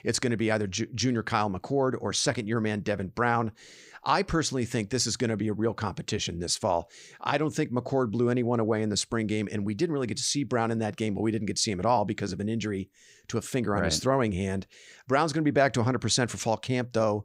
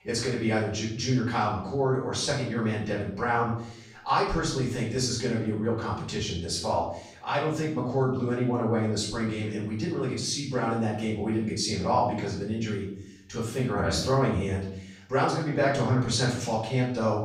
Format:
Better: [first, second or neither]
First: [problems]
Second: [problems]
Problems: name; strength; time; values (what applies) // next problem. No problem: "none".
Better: first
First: none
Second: off-mic speech; far // room echo; noticeable; dies away in 0.6 s